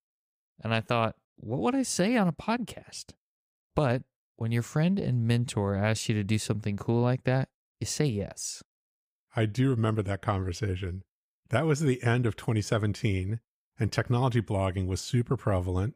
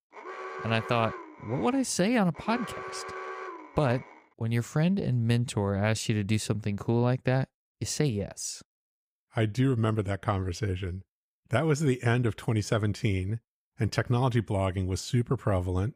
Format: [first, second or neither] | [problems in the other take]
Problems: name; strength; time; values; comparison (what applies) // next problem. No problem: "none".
first | alarm; noticeable; until 4 s; peak 9 dB below the speech